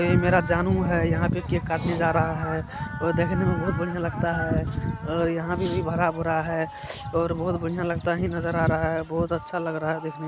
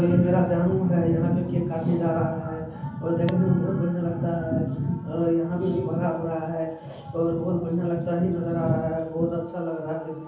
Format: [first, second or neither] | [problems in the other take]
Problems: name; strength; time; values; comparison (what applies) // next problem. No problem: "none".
first | background sound (Tap / Glass); 15 dB below the speech // room echo; dies away in 0.7 s